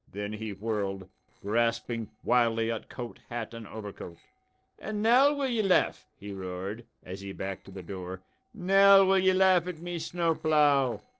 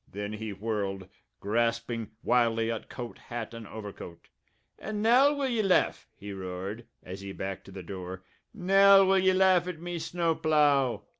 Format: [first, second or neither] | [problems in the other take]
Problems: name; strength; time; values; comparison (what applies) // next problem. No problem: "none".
second | noise reduction (neural separator model SepFormer DNS4)